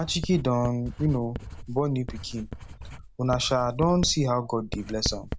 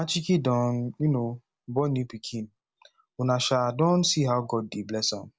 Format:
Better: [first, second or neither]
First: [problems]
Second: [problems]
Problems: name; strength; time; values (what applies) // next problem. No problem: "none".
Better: second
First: background sound (Writing); 10 dB below the speech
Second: none